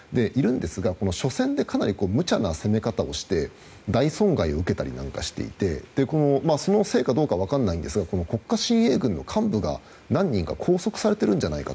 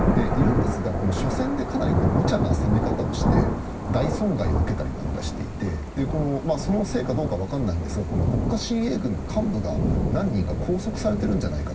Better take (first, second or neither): first